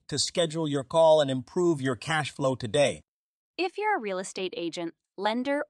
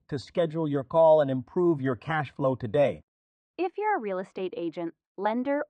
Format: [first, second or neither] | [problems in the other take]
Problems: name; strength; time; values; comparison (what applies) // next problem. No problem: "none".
first | muffled; very; fading above 3.5 kHz